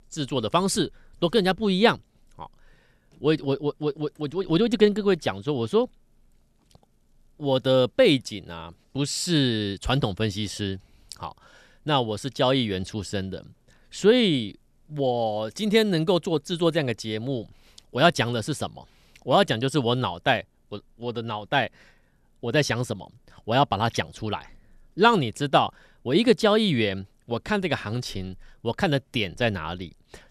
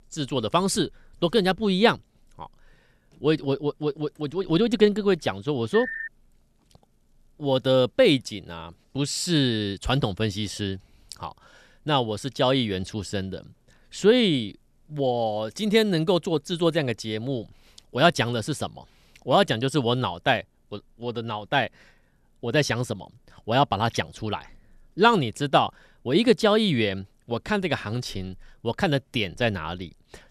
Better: first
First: none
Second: phone ringing; noticeable; at 5.5 s; peak 6 dB below the speech

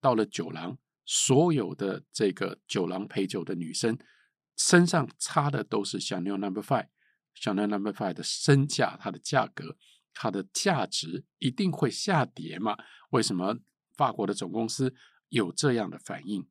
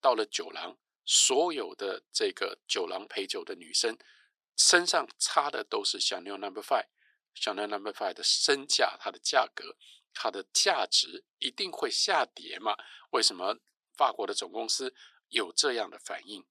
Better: first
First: none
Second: thin; very; fading below 400 Hz

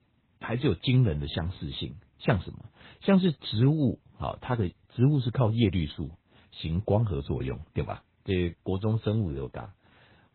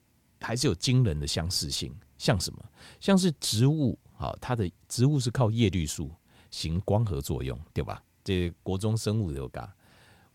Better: second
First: garbled, watery; badly; nothing above 4 kHz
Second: none

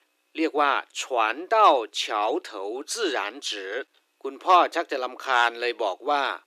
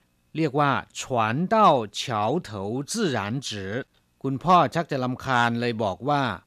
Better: second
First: thin; very; fading below 300 Hz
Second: none

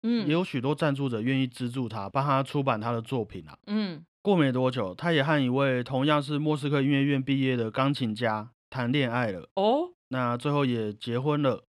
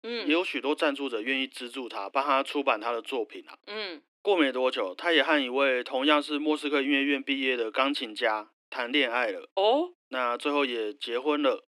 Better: first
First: none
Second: thin; somewhat; fading below 300 Hz

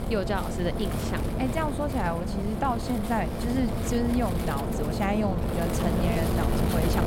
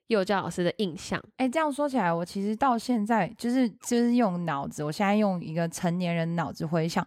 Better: second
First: wind noise on the microphone; heavy; 2 dB below the speech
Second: none

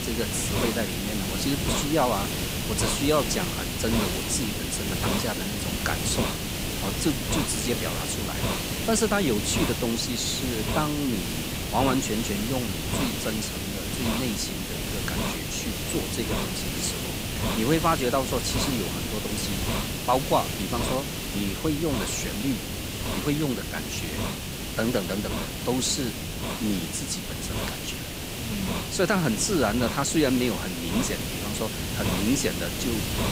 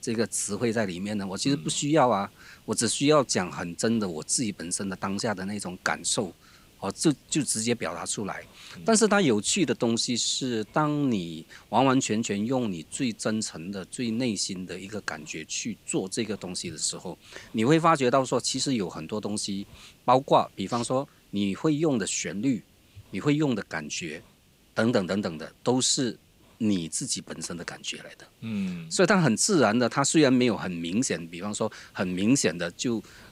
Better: second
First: hiss; loud; throughout; 1 dB below the speech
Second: hiss; faint; throughout; 30 dB below the speech

